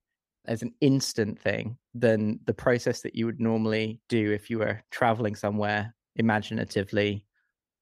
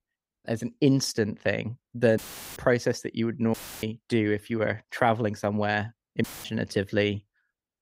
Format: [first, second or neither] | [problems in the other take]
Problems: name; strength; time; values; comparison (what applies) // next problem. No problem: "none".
first | audio cutting out; filled with static; at 2 s, at 3.5 s and at 6 s